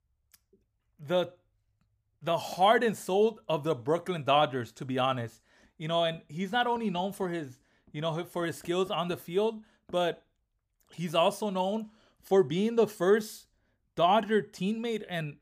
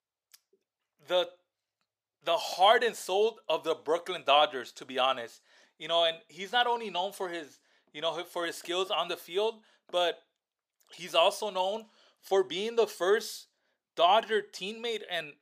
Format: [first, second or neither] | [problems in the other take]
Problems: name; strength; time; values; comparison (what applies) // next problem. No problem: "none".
first | thin; somewhat; fading below 500 Hz